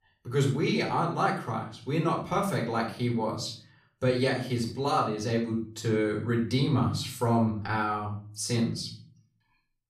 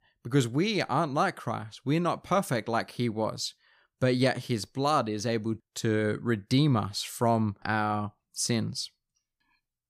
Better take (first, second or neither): second